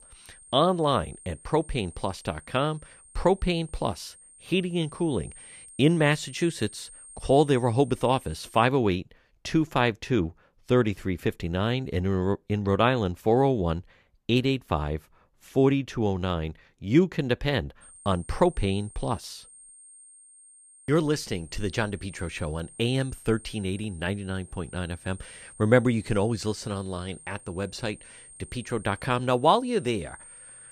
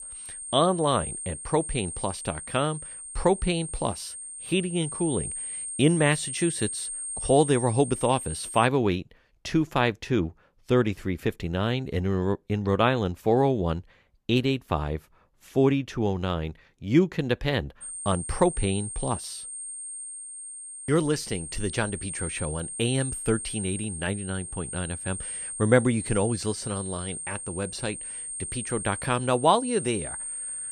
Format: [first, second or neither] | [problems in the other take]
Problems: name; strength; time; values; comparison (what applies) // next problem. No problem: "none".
first | high-pitched whine; loud; until 8.5 s and from 18 s on; 8.5 kHz, 7 dB below the speech; faint in the first